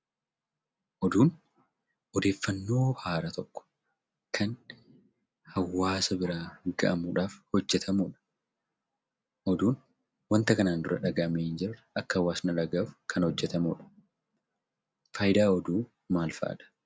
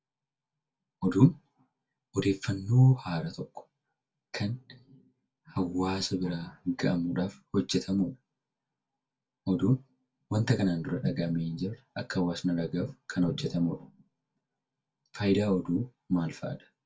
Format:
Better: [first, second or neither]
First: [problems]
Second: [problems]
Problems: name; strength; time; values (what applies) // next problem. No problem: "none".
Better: first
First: none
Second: room echo; dies away in 0.1 s